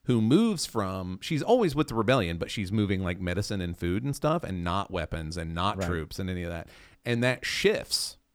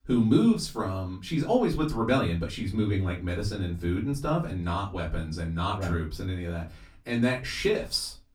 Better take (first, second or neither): first